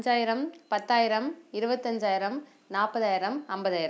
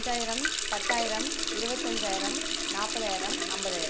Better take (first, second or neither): first